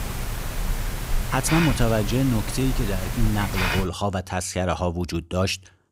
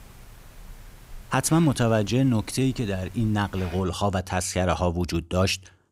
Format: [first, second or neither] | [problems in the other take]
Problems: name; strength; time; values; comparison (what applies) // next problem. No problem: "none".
second | hiss; loud; until 4 s; 3 dB below the speech; faint in the second